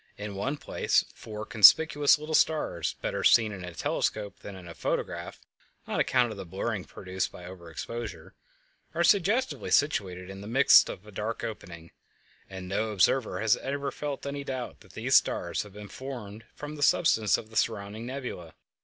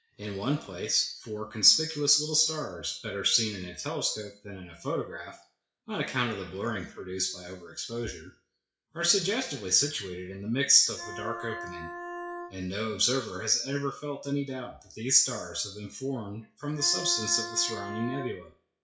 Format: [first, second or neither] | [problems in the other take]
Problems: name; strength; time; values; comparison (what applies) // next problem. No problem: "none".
first | noise reduction (classical method WPE with log-MMSE)